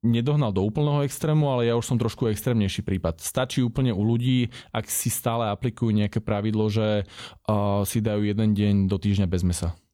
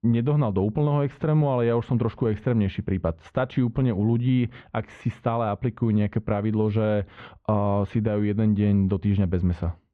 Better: first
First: none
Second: muffled; very; fading above 2 kHz

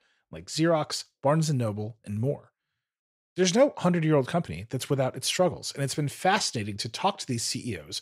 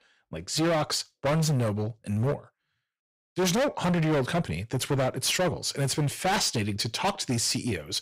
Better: first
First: none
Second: distortion; heavy; 17% of the sound clipped

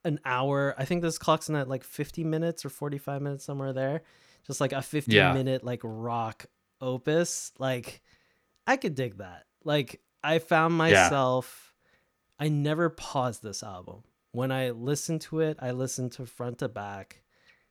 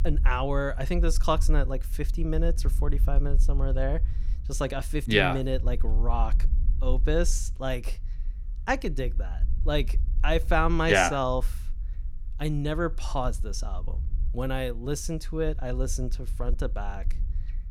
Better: first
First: none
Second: low rumble; faint; throughout; 25 dB below the speech

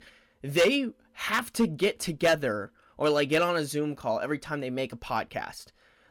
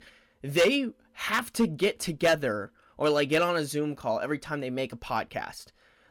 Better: neither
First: distortion; slight; 2% of the sound clipped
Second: distortion; slight; 2% of the sound clipped

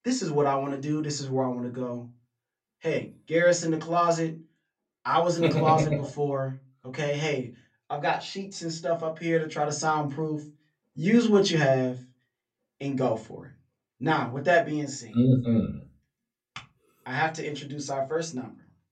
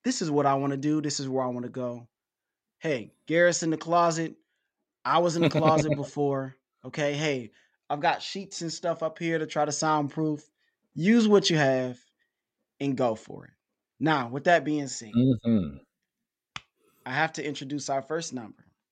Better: second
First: off-mic speech; far // room echo; very slight; dies away in 0.2 s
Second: none

